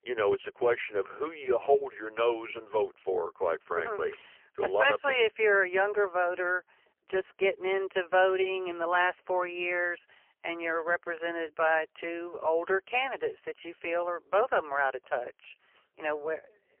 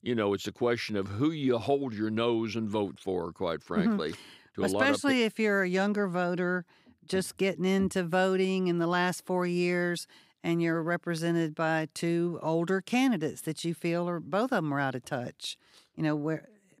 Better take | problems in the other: second | phone-call audio; poor line; nothing above 3 kHz

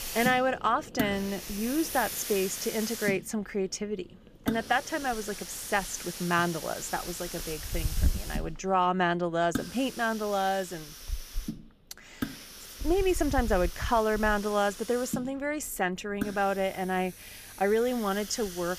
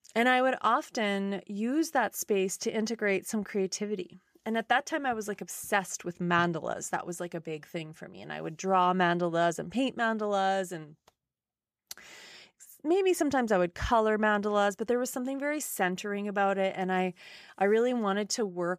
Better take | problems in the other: second | hiss; loud; throughout; 8 dB below the speech

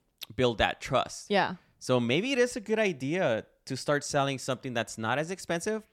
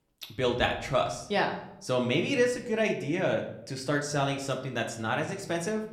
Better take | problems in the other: first | room echo; very slight; dies away in 0.6 s

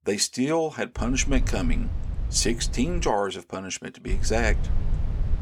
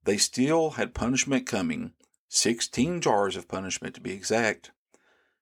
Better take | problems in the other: second | low rumble; noticeable; from 1 to 3 s and from 4 s on; 20 dB below the speech

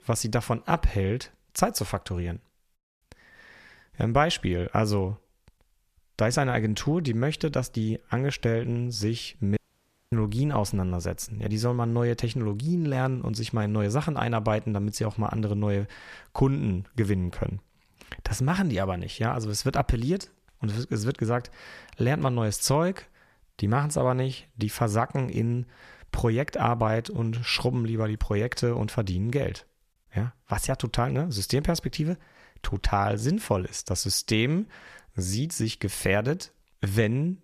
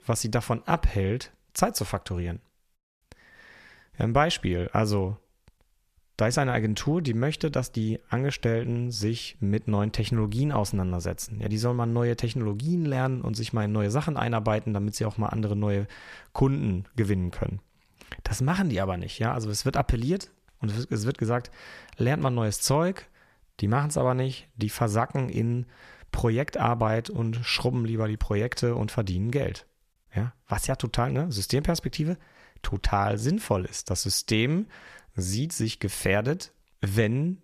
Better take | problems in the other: second | audio cutting out; at 9.5 s for 0.5 s

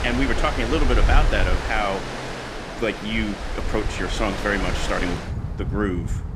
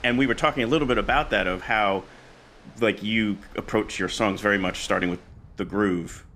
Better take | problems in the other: second | rain or running water; loud; throughout; 1 dB below the speech; faint in the second

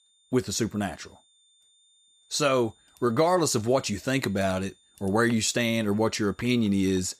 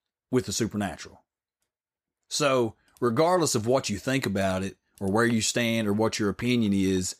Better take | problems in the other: second | high-pitched whine; faint; throughout; 3.5 kHz, 35 dB below the speech

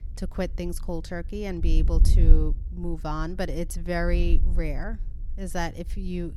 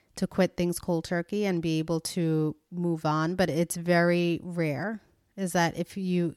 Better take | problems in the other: second | wind noise on the microphone; occasional gusts; 15 dB below the speech

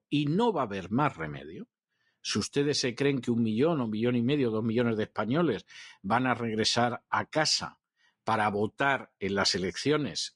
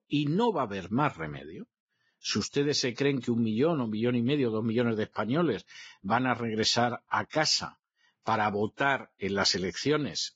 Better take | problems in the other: first | garbled, watery; badly; slightly in the first

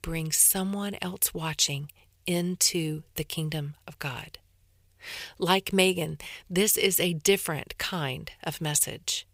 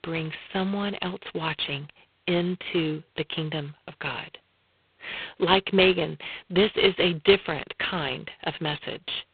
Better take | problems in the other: first | phone-call audio; poor line

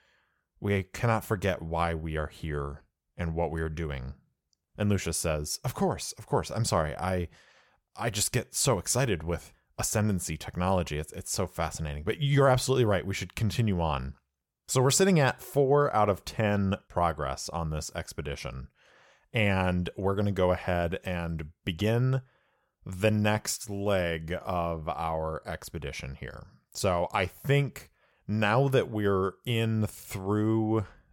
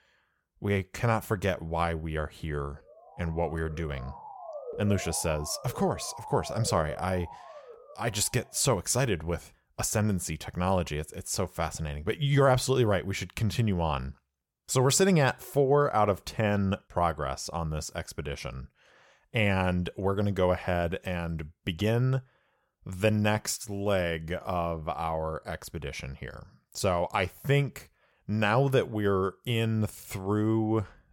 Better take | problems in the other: first | siren; noticeable; from 3 to 8 s; peak 9 dB below the speech

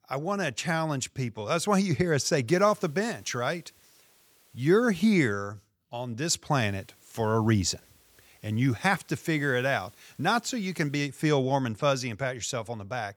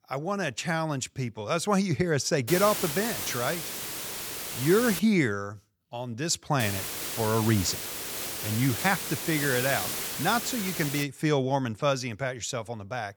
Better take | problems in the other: first | hiss; loud; from 2.5 to 5 s and from 6.5 to 11 s; 4 dB below the speech; faint in the first

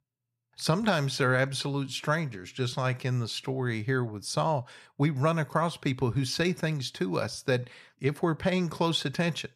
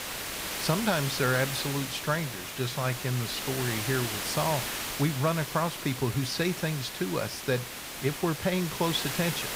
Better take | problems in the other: first | hiss; loud; throughout; 4 dB below the speech

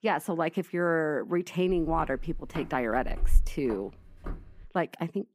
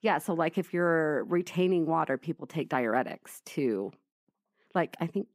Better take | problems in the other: second | footsteps; noticeable; from 2 to 4.5 s; peak level with the speech

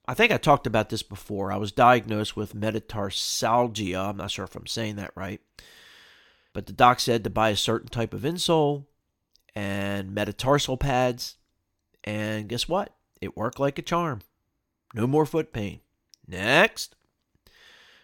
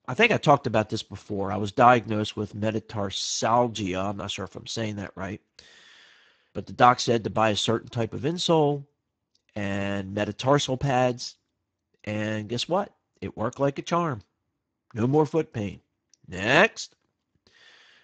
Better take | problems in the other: first | garbled, watery; badly; nothing above 7.5 kHz

